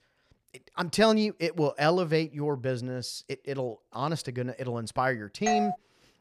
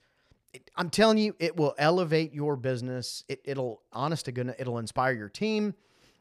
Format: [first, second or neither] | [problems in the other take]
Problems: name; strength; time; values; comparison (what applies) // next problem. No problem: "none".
second | doorbell; loud; at 5.5 s; peak level with the speech